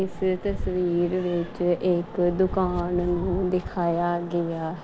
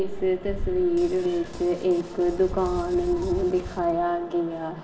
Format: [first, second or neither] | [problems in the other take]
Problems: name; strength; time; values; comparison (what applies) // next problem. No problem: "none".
first | background sound (Drum kit); 19 dB below the speech // room echo; dies away in 1.1 s